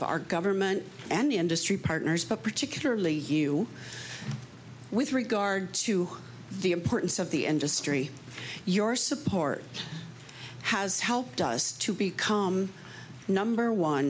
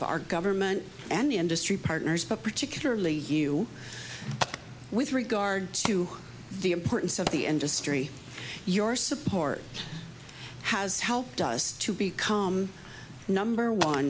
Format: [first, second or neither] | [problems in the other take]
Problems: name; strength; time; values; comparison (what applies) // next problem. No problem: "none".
first | background sound (Fire); 13 dB below the speech